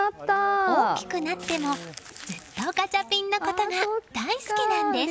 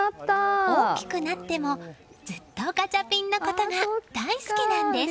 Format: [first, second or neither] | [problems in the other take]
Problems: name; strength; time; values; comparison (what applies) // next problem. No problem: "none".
second | background sound (Crumpling, crinkling); 17 dB below the speech